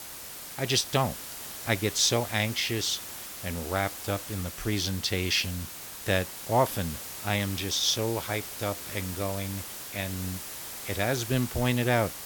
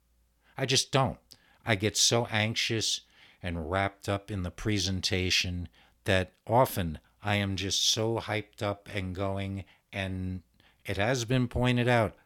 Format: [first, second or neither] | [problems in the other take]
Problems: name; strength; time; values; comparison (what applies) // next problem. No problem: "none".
second | hiss; loud; throughout; 8 dB below the speech